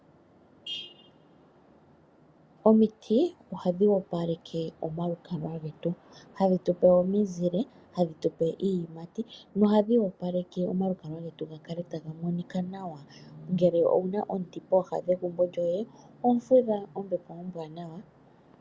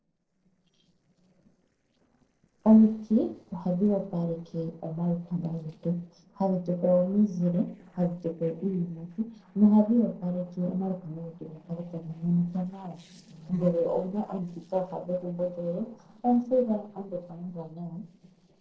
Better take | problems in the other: first | noise reduction (neural separator model SepFormer DNS4)

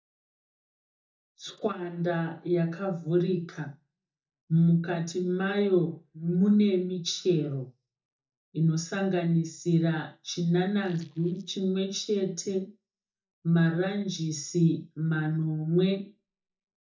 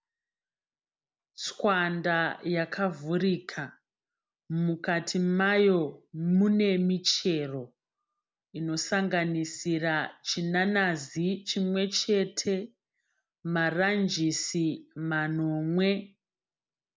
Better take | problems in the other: second | noise reduction (neural mask model DeepFilterNet 3)

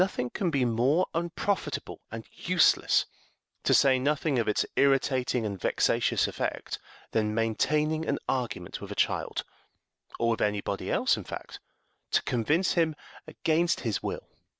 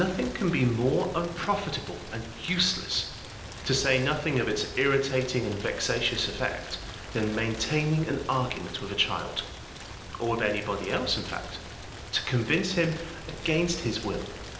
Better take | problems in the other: first | background sound (Rain); 12 dB below the speech // room echo; dies away in 0.9 s

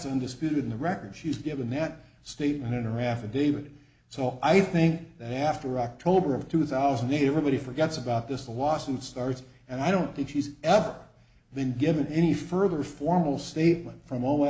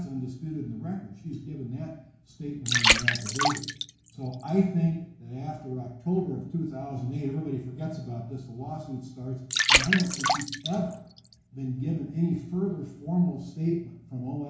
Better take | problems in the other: first | background sound (Water); 2 dB above the speech // room echo; dies away in 0.6 s

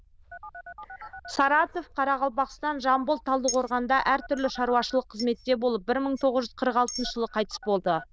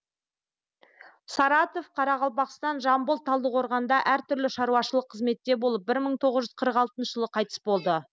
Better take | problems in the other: second | noise reduction (neural diffusion model UNIVERSE++)

